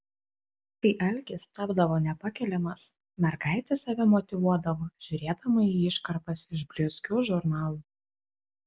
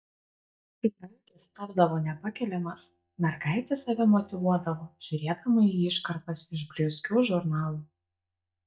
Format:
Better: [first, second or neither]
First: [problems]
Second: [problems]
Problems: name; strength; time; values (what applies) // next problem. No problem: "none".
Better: first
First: none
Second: noise reduction (neural mask model DeepFilterNet 3)